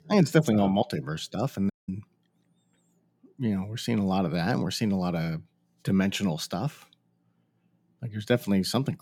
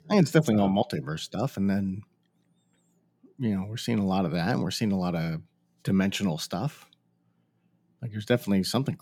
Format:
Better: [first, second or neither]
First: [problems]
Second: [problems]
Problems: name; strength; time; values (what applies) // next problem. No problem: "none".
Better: second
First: audio cutting out; at 1.5 s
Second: none